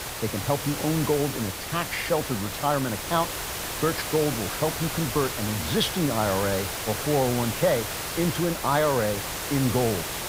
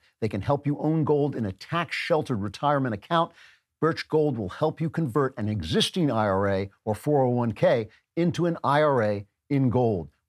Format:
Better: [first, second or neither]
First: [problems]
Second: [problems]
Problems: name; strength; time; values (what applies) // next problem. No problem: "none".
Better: second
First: hiss; loud; throughout; 4 dB below the speech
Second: none